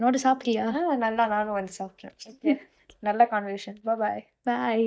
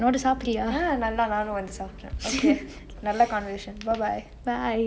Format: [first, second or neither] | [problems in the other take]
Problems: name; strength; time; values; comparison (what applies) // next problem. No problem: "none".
second | noise reduction (neural mask model DeepFilterNet 3)